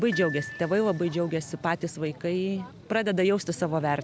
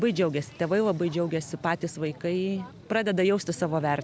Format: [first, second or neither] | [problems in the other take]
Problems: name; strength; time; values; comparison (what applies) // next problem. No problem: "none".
second | background sound (Glockenspiel); 16 dB below the speech